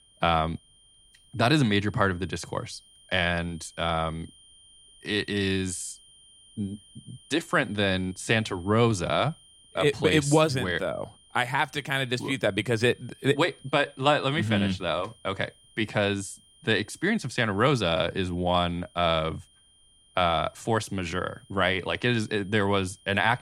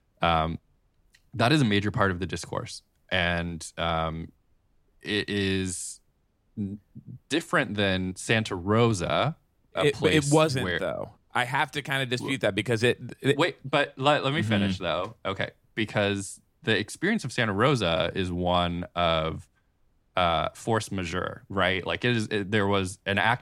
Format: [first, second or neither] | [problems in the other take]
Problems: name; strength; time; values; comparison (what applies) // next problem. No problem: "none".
second | high-pitched whine; faint; throughout; 3 kHz, 30 dB below the speech